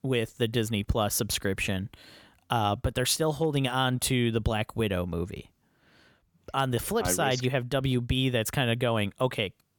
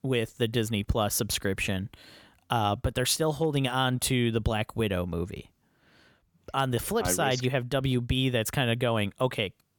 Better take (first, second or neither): neither